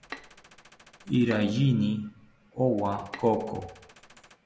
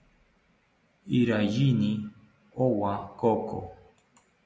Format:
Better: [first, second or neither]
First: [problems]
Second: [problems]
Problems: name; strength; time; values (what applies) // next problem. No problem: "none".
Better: second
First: background sound (Gunshot, gunfire + Bowed string instrument); 20 dB below the speech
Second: none